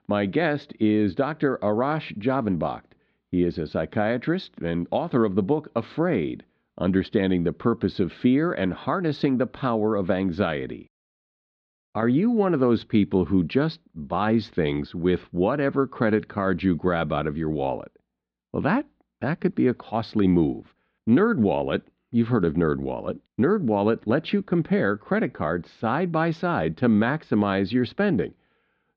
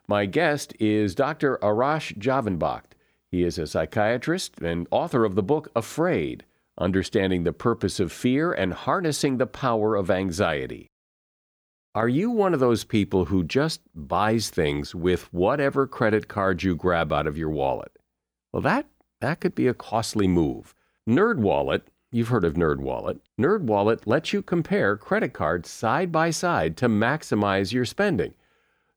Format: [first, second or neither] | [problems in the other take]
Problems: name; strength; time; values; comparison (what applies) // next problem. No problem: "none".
second | muffled; slightly; fading above 4 kHz